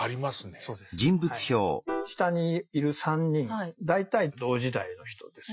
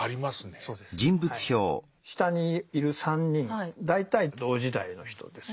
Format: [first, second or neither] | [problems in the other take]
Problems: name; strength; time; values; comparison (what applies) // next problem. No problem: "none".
second | noise reduction (classical method Wiener filter)